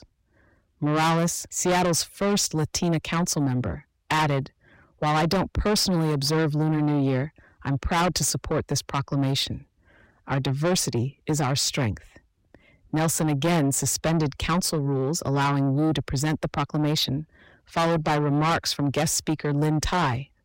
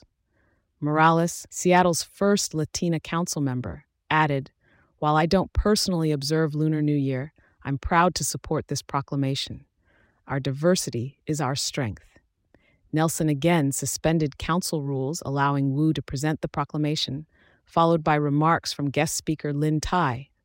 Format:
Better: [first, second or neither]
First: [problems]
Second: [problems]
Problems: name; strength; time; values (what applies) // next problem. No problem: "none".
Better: second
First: distortion; heavy; 6 dB below the speech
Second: none